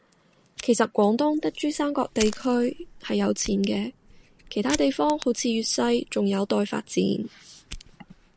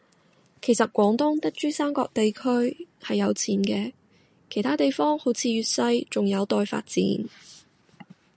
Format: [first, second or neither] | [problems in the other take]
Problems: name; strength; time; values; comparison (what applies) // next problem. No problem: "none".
second | background sound (Fire); 17 dB below the speech